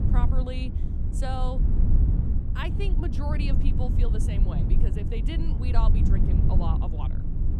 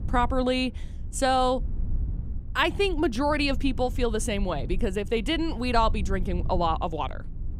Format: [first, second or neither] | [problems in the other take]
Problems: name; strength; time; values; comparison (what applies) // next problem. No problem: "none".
second | low rumble; loud; throughout; 3 dB below the speech; faint in the second